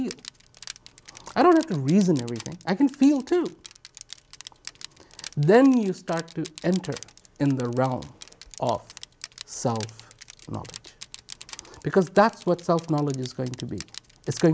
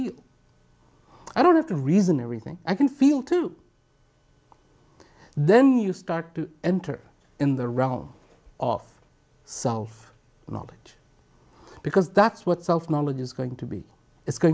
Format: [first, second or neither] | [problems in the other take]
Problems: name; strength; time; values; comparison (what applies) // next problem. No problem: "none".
second | background sound (Crushing); 20 dB below the speech